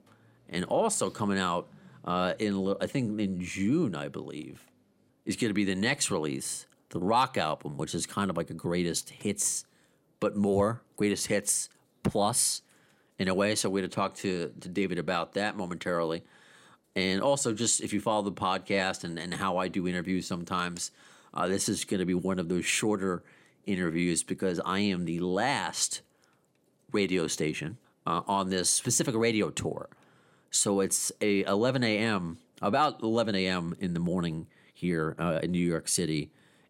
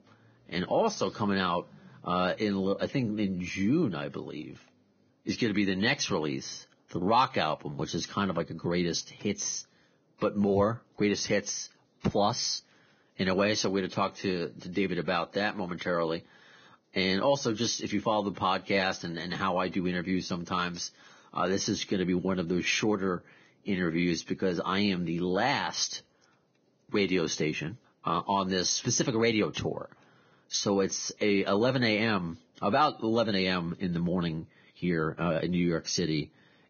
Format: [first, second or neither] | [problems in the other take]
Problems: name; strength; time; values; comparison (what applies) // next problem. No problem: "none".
first | garbled, watery; badly; nothing above 6.5 kHz